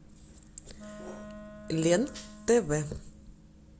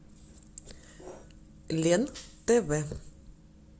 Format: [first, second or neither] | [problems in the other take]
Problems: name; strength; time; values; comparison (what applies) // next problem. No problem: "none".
second | background sound (Wind instrument, woodwind instrument); 17 dB below the speech